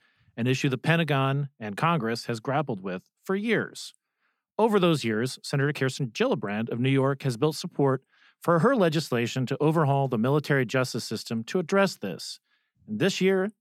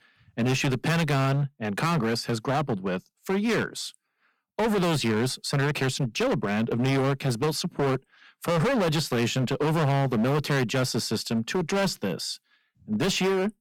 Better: first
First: none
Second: distortion; heavy; 20% of the sound clipped

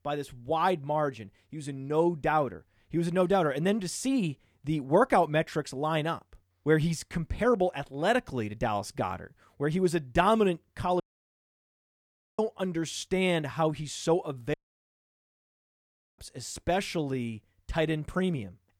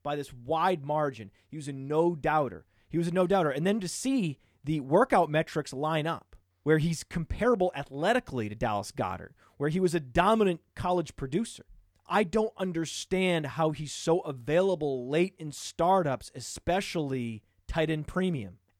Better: second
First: audio cutting out; at 11 s for 1.5 s and at 15 s for 1.5 s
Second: none

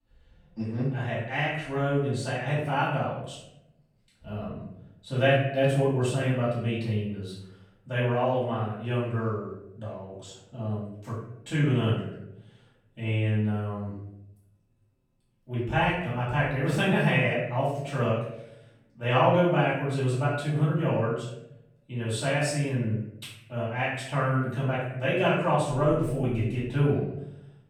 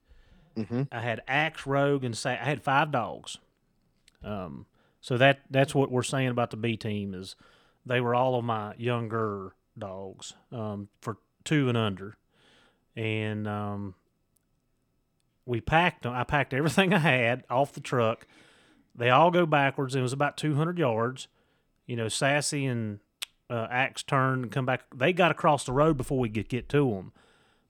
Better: second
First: off-mic speech; far // room echo; noticeable; dies away in 0.8 s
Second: none

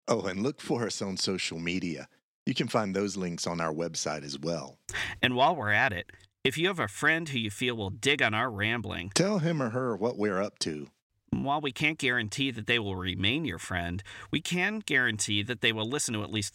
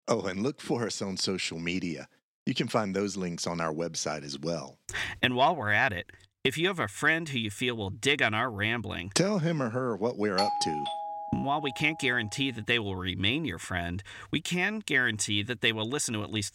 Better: first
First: none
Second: doorbell; noticeable; from 10 to 12 s; peak level with the speech

